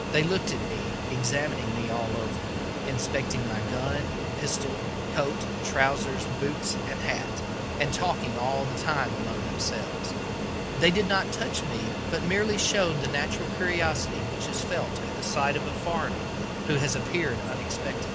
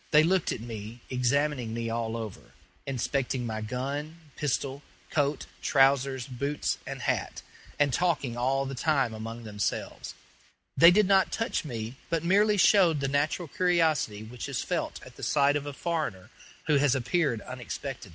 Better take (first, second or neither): second